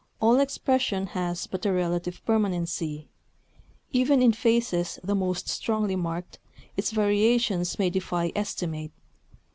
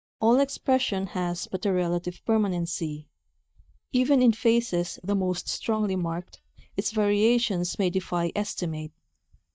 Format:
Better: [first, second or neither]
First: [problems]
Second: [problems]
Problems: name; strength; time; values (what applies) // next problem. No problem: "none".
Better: first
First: none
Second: noise reduction (neural mask model DeepFilterNet 3)